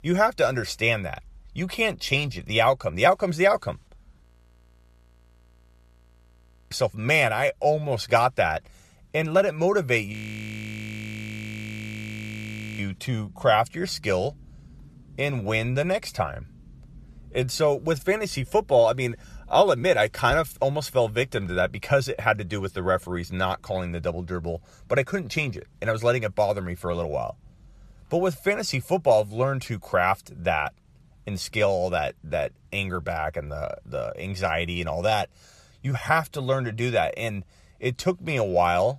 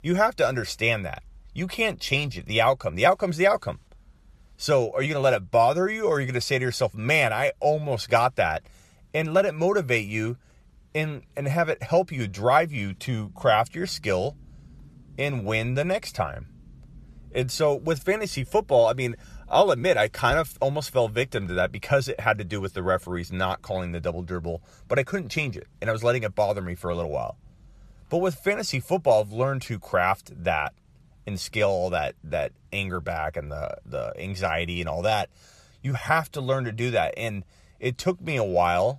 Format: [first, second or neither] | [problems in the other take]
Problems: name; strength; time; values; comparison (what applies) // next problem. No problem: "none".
second | audio freezing; at 4 s for 2.5 s and at 10 s for 2.5 s